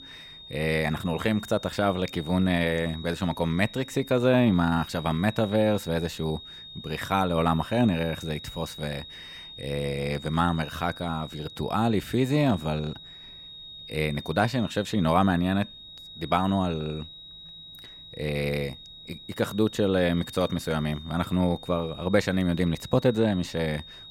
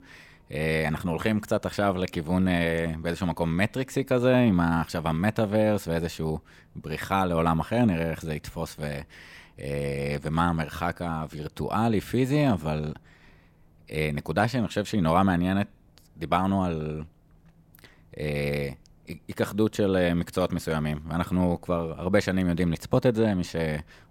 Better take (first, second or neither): second